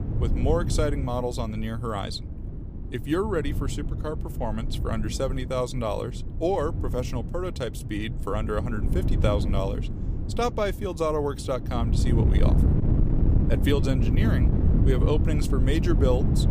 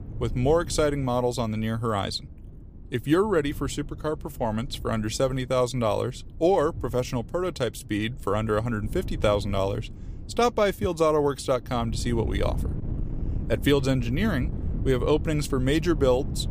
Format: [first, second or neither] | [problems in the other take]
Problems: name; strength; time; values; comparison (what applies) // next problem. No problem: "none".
second | wind noise on the microphone; heavy; 8 dB below the speech; occasional gusts in the second